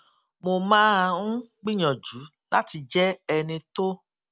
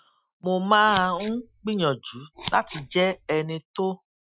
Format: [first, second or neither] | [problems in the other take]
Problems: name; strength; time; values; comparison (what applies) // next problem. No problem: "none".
first | noise reduction (classical method Wiener filter)